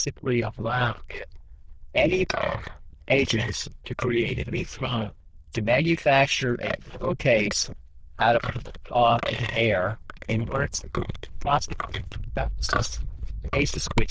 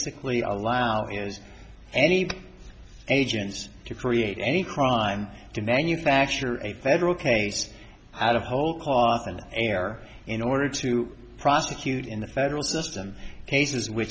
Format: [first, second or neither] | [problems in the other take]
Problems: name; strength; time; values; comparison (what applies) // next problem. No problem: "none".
second | noise reduction (neural diffusion model UNIVERSE++)